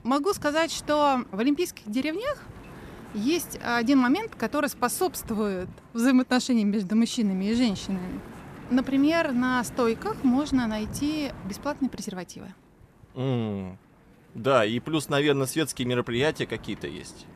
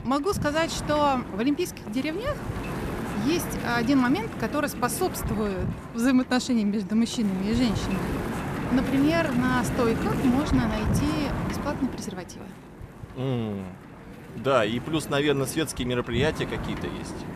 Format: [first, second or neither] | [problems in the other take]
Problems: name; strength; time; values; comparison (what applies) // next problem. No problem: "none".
first | wind noise on the microphone; heavy; 7 dB below the speech; occasional gusts in the first